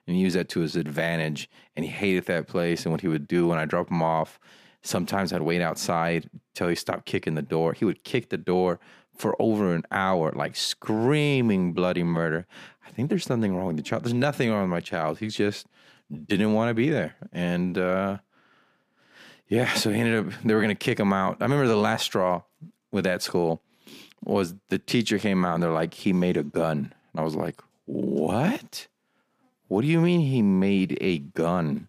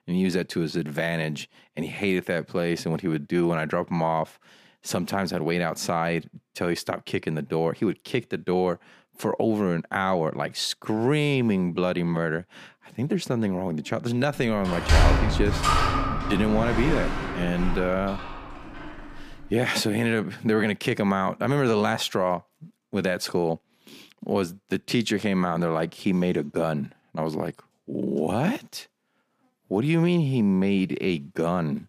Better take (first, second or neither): first